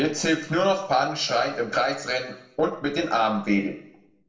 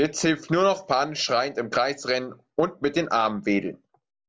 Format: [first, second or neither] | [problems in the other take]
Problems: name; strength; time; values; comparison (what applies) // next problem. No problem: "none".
second | room echo; dies away in 0.6 s